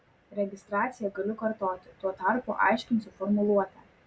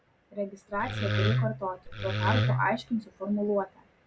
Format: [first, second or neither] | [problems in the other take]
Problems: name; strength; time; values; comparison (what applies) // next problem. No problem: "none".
first | background sound (Wood); 3 dB above the speech